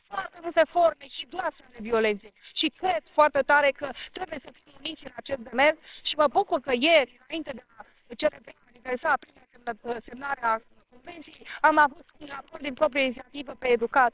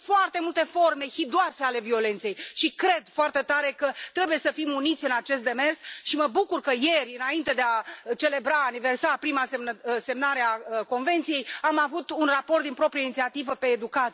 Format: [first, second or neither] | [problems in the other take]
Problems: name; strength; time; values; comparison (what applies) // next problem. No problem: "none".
second | noise reduction (neural separator model SepFormer WHAMR!)